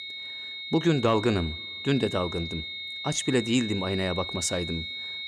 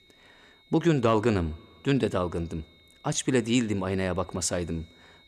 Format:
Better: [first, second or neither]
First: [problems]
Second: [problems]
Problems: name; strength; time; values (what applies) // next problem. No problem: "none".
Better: second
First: high-pitched whine; loud; throughout; 3.5 kHz, 6 dB below the speech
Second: high-pitched whine; faint; throughout; 3.5 kHz, 30 dB below the speech